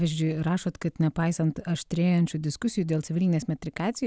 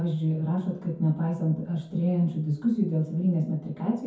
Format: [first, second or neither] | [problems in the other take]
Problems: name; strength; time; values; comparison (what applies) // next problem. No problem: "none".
first | room echo; dies away in 0.6 s